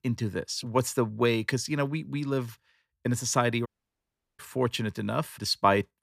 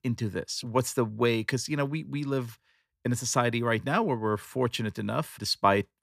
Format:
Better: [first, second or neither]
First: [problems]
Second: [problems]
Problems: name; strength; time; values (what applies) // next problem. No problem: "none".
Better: second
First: audio cutting out; at 3.5 s for 0.5 s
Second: none